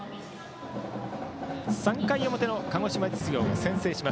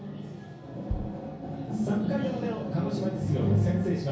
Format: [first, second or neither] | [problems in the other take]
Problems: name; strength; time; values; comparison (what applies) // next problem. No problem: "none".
first | background sound (Bass drum); 12 dB below the speech // room echo; dies away in 0.6 s